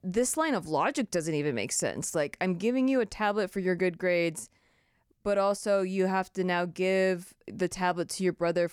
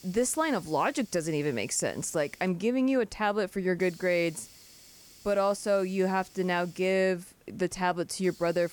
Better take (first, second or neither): first